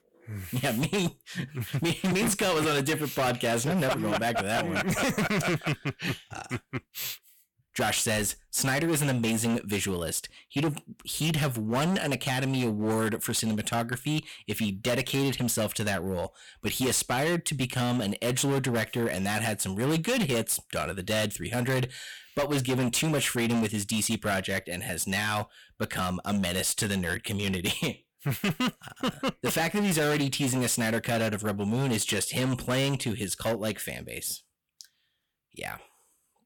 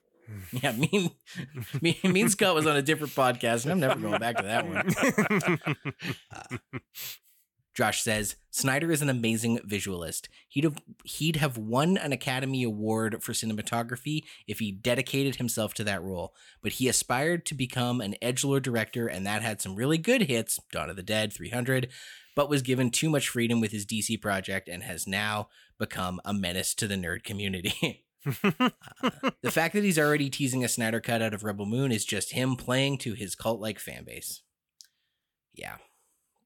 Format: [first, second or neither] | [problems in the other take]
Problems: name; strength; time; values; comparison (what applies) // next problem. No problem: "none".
second | distortion; heavy; 16% of the sound clipped